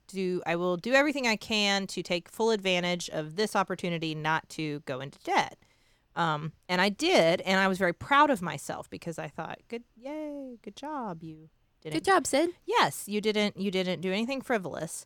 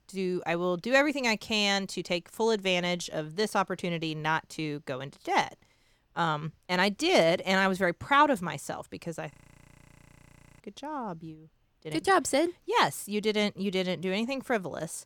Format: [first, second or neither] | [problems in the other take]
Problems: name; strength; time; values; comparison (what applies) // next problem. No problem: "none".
first | audio freezing; at 9.5 s for 1.5 s